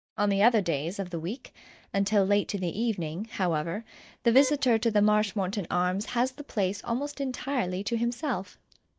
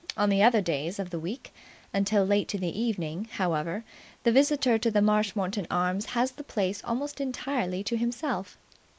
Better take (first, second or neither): second